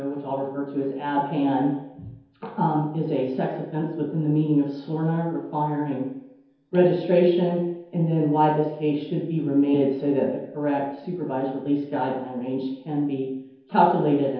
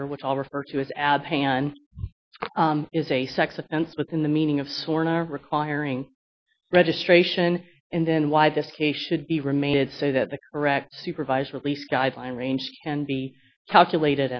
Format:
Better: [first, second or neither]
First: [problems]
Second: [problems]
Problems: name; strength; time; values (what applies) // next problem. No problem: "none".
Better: second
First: room echo; dies away in 0.9 s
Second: none